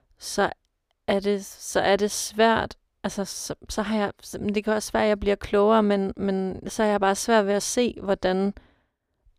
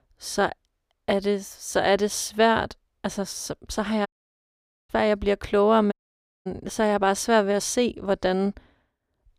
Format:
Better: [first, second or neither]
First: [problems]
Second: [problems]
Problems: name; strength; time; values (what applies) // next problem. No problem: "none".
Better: first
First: none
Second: audio cutting out; at 4 s for 1 s and at 6 s for 0.5 s